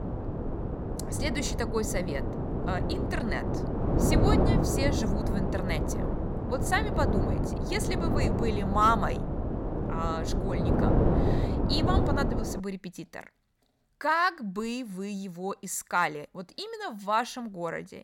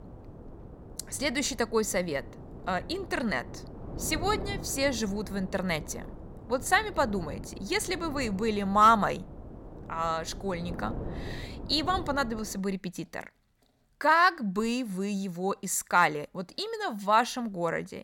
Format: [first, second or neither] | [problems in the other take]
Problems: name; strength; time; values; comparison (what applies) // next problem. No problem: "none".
second | wind noise on the microphone; heavy; until 13 s; 3 dB below the speech; occasional gusts in the second